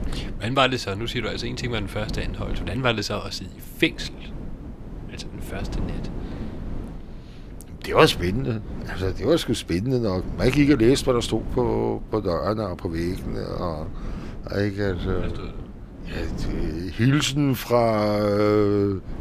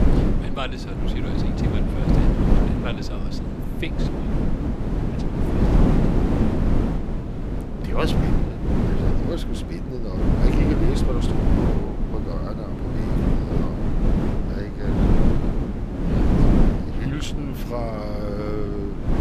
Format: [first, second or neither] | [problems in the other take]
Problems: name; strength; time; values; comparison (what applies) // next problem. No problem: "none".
first | wind noise on the microphone; heavy; 4 dB above the speech; occasional gusts in the first